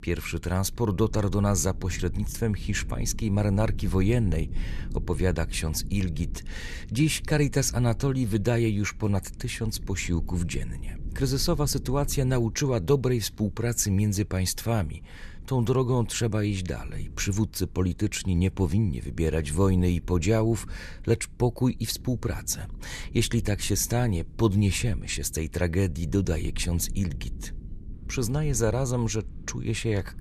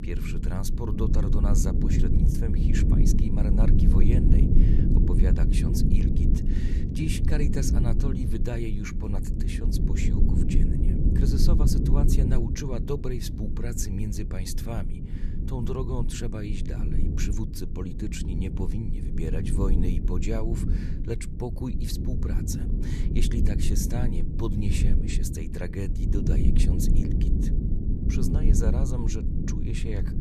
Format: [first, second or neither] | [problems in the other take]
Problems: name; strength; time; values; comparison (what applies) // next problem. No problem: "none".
first | low rumble; loud; throughout; as loud as the speech; faint in the first